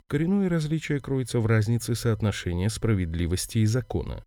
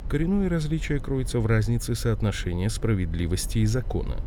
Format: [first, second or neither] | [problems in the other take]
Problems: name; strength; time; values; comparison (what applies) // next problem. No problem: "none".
first | low rumble; faint; throughout; 20 dB below the speech